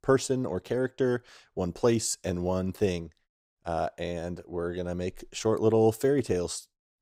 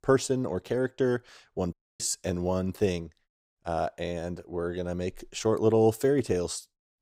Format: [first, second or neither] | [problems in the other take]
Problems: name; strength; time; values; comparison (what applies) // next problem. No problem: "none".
first | audio cutting out; at 1.5 s